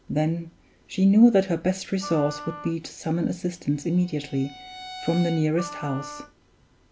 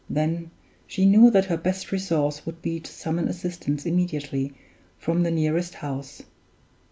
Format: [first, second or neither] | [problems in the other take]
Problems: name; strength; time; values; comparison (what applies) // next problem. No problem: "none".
second | background sound (Wind instrument, woodwind instrument + Bowed string instrument); 16 dB below the speech